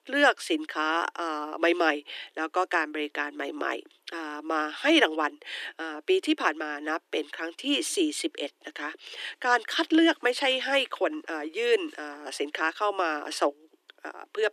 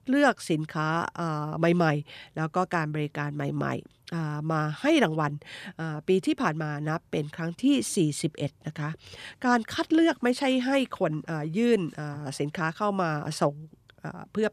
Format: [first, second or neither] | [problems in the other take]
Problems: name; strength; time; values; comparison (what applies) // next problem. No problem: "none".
second | thin; somewhat; fading below 300 Hz